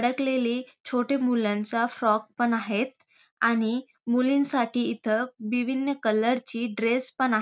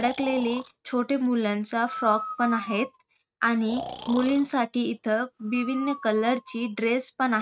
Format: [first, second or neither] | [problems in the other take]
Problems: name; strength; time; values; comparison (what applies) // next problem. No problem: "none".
first | noise reduction (neural mask model RNNoise)